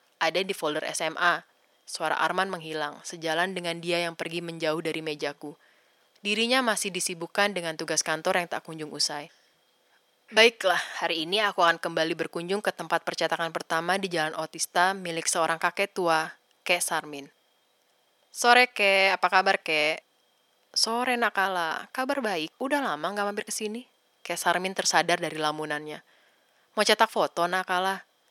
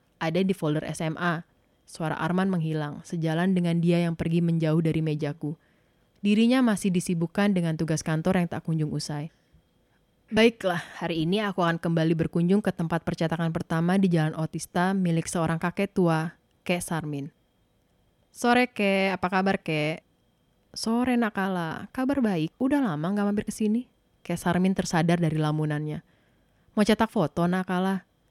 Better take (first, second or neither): second